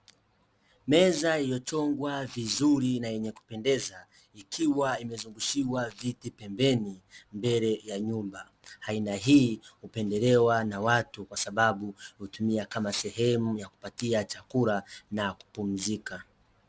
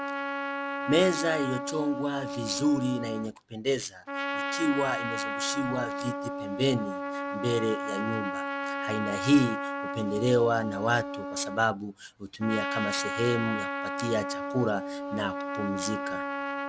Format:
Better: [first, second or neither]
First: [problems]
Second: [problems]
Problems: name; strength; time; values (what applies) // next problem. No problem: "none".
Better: first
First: none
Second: background sound (Trumpet); 4 dB below the speech